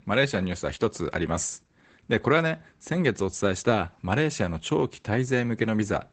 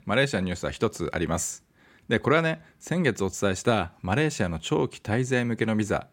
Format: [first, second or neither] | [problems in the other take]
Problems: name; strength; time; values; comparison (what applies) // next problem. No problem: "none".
second | garbled, watery; badly; nothing above 8 kHz